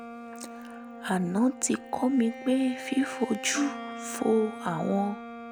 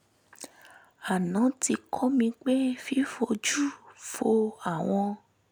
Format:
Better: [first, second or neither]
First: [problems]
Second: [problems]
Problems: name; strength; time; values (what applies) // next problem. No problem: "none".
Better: second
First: background sound (Wind instrument, woodwind instrument + Bowed string instrument); 11 dB below the speech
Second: none